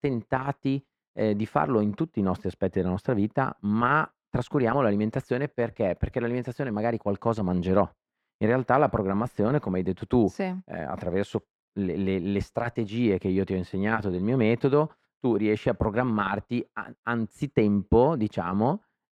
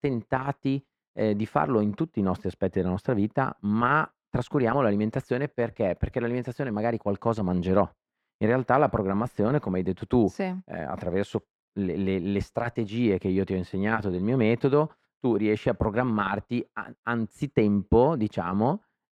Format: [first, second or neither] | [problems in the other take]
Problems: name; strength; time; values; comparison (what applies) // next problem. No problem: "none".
neither | muffled; slightly; fading above 3 kHz; the same in both